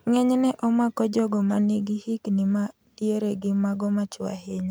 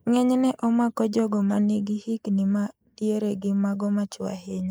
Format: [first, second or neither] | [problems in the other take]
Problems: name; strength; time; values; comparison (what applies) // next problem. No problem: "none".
first | noise reduction (neural mask model Resemble Enhance denoiser)